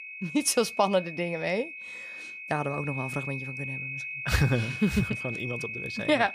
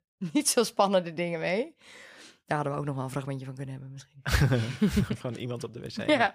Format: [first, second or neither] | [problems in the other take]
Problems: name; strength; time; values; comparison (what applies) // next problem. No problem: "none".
second | high-pitched whine; loud; throughout; 2.5 kHz, 6 dB below the speech